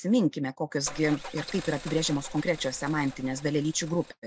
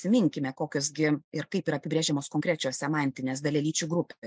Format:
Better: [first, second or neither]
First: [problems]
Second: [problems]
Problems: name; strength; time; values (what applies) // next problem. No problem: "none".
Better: second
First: background sound (Car); 14 dB below the speech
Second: none